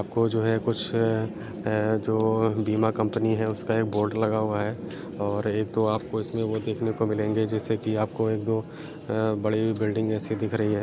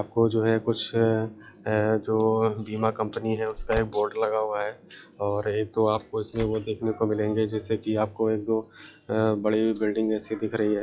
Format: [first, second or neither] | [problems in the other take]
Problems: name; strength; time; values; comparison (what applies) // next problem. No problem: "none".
first | noise reduction (classical method log-MMSE)